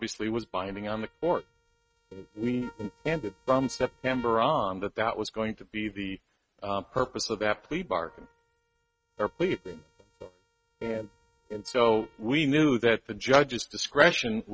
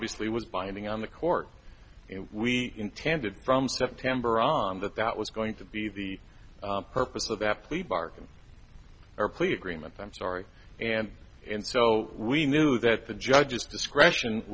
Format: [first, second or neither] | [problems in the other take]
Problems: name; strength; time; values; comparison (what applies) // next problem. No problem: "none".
second | noise reduction (neural mask model RNNoise)